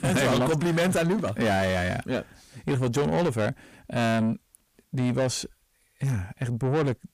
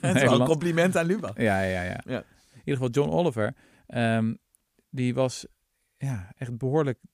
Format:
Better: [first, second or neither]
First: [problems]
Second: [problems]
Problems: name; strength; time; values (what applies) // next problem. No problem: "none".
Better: second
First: distortion; heavy; 7 dB below the speech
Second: none